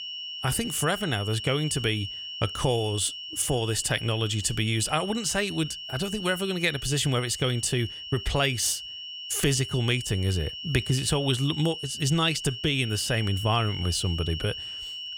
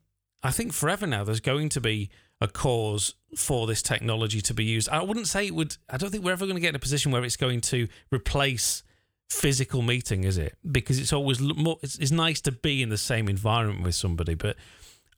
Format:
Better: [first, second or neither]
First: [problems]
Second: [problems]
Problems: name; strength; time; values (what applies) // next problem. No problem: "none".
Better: second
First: high-pitched whine; loud; throughout; 3 kHz, 8 dB below the speech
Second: none